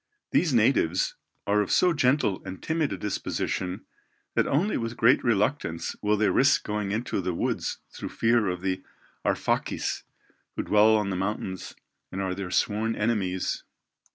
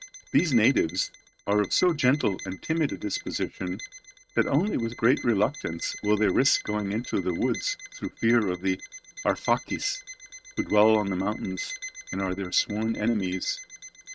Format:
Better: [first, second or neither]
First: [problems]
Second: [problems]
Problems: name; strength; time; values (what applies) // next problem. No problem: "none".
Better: first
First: none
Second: noise reduction (neural mask model RNNoise)